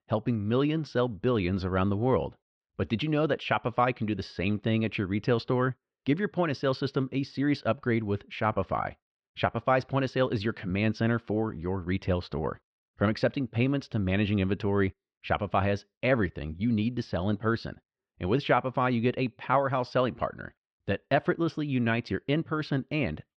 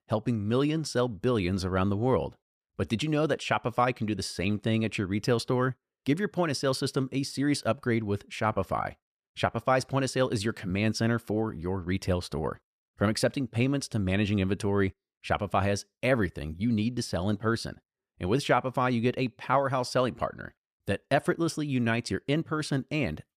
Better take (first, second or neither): second